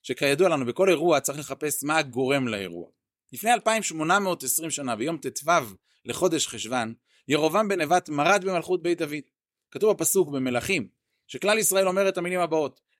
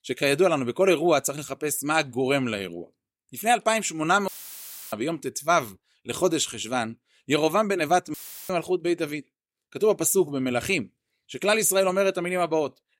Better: first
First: none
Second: audio cutting out; filled with static; at 4.5 s for 0.5 s and at 8 s

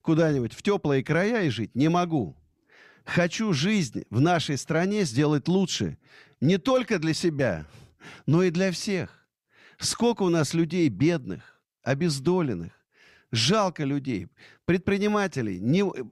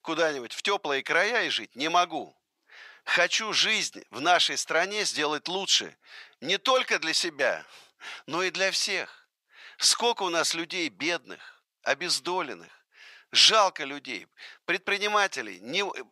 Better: first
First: none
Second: thin; very; fading below 800 Hz

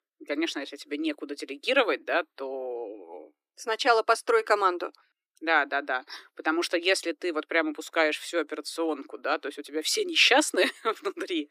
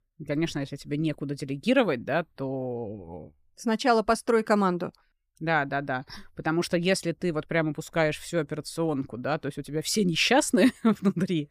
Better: second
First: thin; somewhat; fading below 300 Hz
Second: none

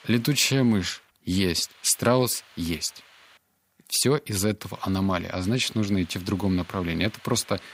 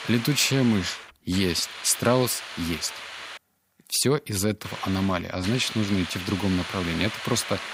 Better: first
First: hiss; faint; until 3.5 s and from 4.5 s on; 25 dB below the speech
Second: hiss; loud; until 3.5 s and from 4.5 s on; 10 dB below the speech

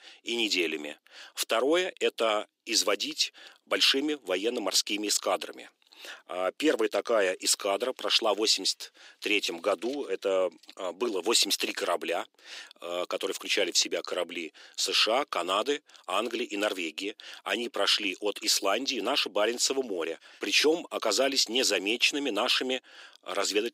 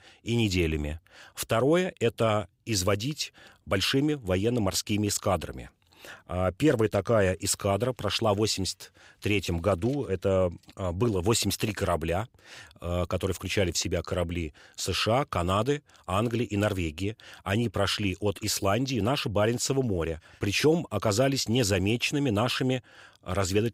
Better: second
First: thin; somewhat; fading below 300 Hz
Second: none

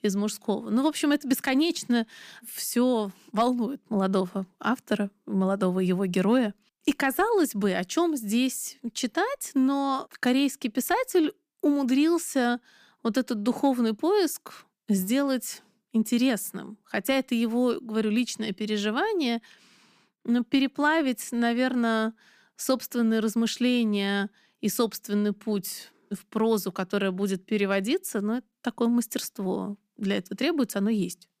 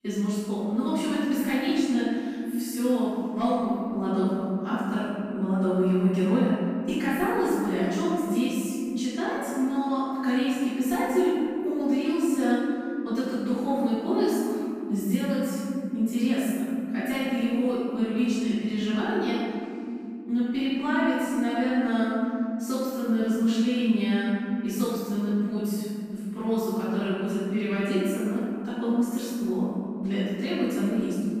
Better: first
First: none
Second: off-mic speech; far // room echo; strong; dies away in 2.7 s

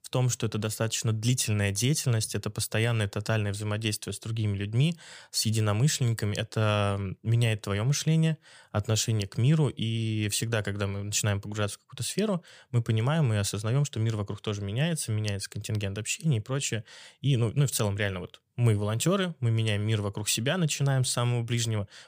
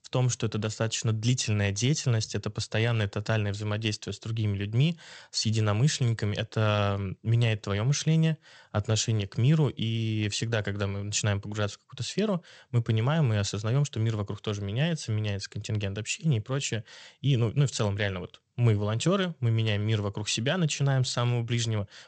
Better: first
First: none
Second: garbled, watery; slightly; nothing above 8 kHz

